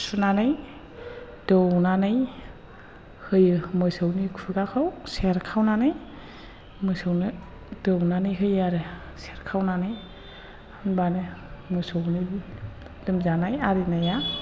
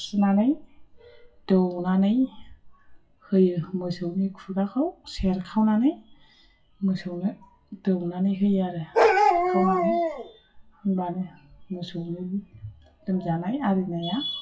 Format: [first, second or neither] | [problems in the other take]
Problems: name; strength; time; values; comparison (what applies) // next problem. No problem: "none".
first | noise reduction (classical method WPE with log-MMSE)